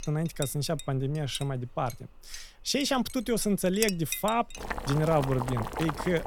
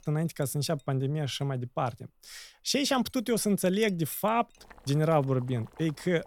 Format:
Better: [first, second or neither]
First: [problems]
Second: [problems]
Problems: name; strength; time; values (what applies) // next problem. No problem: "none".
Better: second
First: household noises; loud; throughout; 8 dB below the speech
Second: household noises; faint; throughout; 25 dB below the speech